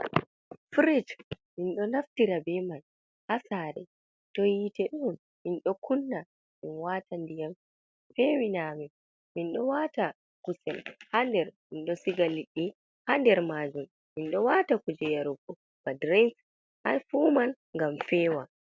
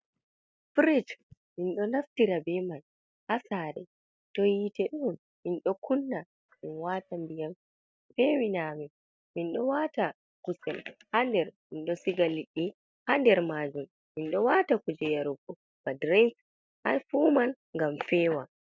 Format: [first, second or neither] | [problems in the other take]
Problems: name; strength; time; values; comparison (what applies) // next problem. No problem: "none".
first | noise reduction (neural mask model DeepFilterNet 3)